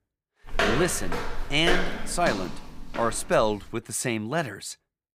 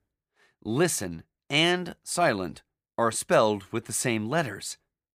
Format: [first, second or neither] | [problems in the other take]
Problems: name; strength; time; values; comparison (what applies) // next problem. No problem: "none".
second | footsteps; loud; until 3.5 s; peak 2 dB above the speech